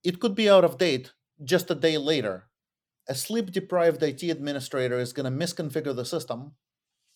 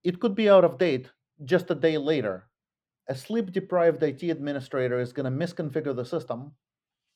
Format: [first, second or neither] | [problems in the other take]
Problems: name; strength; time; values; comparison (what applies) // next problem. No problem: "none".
first | muffled; slightly; fading above 3.5 kHz